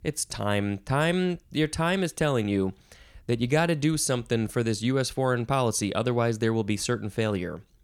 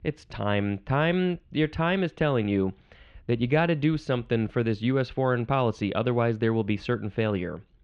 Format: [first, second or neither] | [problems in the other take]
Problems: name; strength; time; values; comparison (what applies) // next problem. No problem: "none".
first | muffled; very; fading above 3 kHz